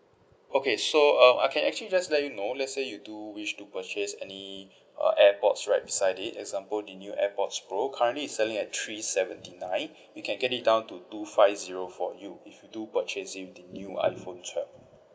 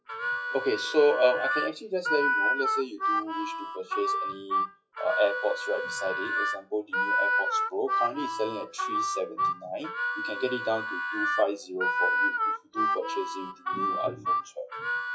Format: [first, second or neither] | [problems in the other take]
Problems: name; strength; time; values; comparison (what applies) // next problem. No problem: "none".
first | noise reduction (classical method WPE with log-MMSE)